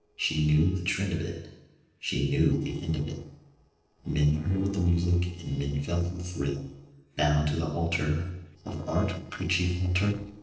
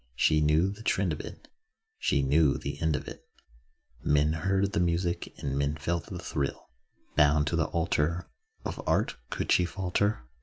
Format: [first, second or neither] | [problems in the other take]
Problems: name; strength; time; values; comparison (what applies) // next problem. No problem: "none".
second | noise reduction (neural separator model SepFormer DNS4)